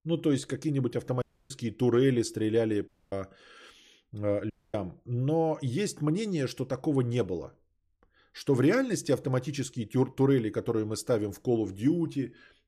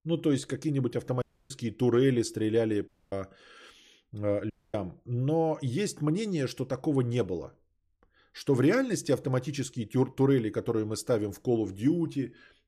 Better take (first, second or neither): neither